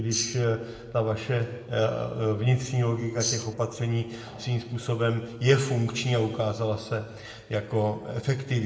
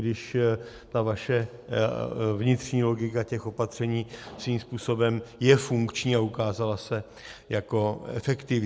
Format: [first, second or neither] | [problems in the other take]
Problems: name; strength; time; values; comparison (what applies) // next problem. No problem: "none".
second | background sound (Tambourine); 4 dB below the speech // room echo; dies away in 1.2 s